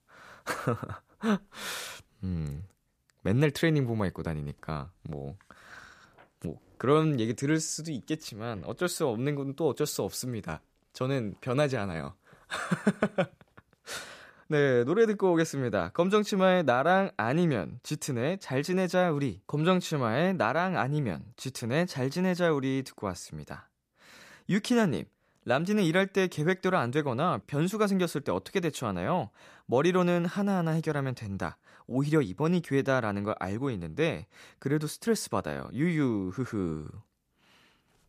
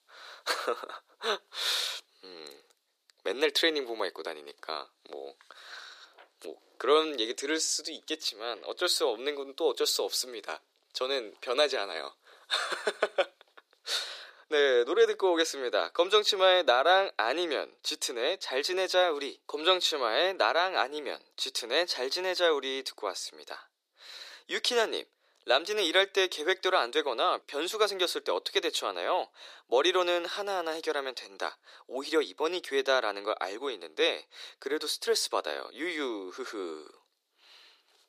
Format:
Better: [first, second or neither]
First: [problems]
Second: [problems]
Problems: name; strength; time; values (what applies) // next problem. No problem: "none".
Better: first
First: none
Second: thin; very; fading below 350 Hz